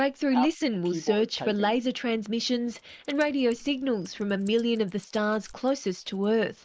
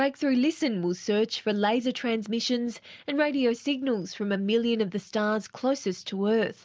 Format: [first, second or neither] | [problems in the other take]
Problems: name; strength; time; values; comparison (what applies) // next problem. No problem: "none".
second | noise reduction (neural mask model Resemble Enhance denoiser)